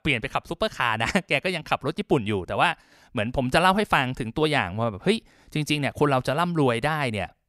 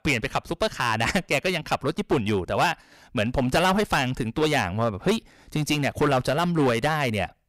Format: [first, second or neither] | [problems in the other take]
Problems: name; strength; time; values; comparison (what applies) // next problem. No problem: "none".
first | distortion; heavy; 8% of the sound clipped